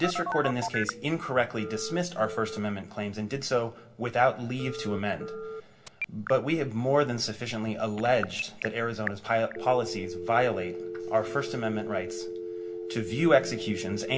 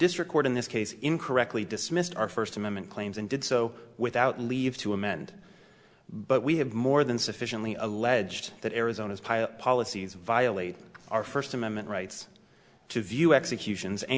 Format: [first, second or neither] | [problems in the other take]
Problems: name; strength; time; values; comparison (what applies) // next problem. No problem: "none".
second | background sound (Telephone); 9 dB below the speech // room echo; dies away in 0.2 s